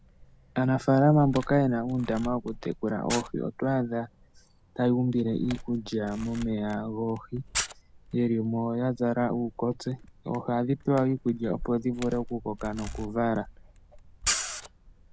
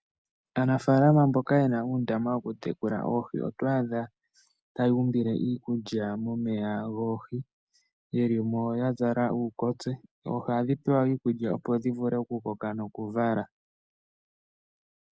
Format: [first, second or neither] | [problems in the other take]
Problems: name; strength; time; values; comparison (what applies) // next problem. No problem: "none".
second | background sound (Camera); 12 dB below the speech